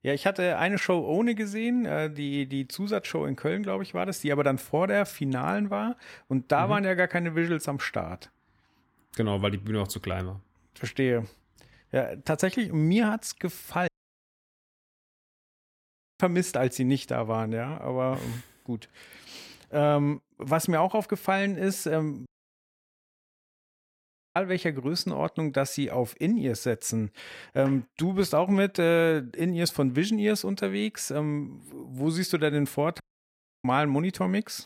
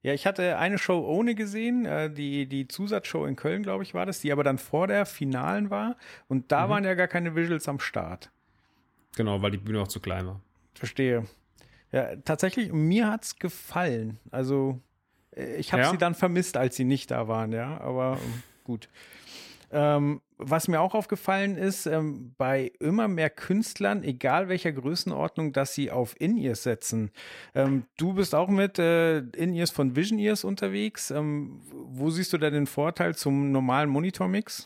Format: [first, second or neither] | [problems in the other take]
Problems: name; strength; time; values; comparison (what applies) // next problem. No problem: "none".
second | audio cutting out; at 14 s for 2.5 s, at 22 s for 2 s and at 33 s for 0.5 s